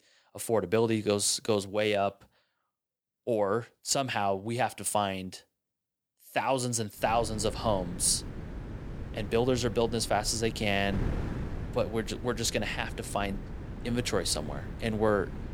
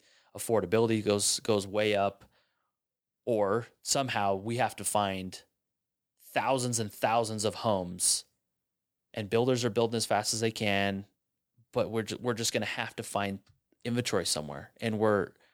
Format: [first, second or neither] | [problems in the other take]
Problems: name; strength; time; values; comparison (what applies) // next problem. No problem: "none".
second | wind noise on the microphone; occasional gusts; from 7 s on; 15 dB below the speech